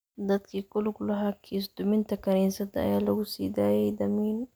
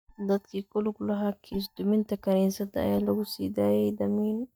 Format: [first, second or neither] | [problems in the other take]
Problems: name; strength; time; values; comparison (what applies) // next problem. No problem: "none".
first | noise reduction (neural mask model DeepFilterNet 3)